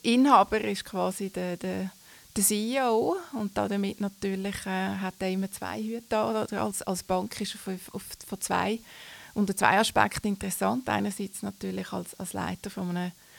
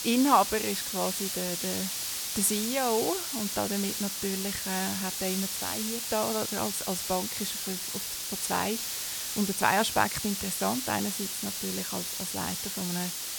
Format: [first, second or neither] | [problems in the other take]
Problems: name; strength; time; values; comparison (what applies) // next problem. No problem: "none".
first | hiss; loud; throughout; as loud as the speech; faint in the first